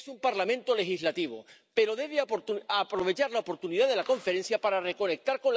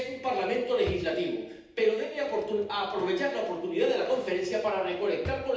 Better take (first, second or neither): first